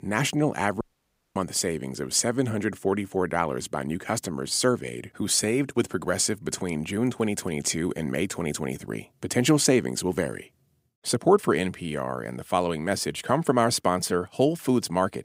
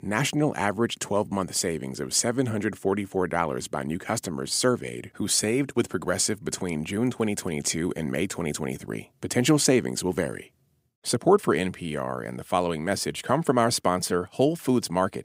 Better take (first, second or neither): second